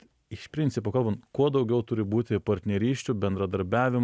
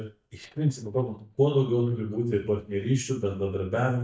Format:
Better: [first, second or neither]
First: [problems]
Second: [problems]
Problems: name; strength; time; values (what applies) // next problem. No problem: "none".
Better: first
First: none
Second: noise reduction (neural mask model DeepFilterNet 3)